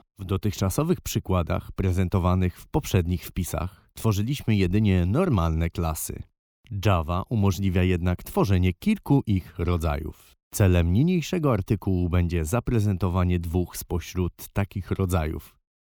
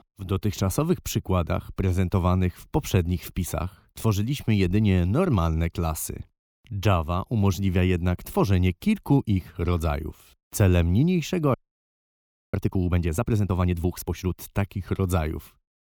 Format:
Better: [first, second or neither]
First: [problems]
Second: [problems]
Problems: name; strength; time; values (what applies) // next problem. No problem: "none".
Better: first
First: none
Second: audio freezing; at 12 s for 1 s